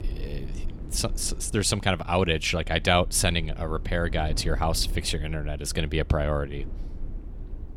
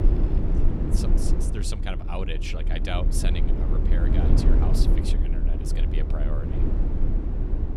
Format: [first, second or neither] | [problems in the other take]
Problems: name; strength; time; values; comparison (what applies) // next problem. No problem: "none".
first | low rumble; loud; throughout; as loud as the speech; faint in the first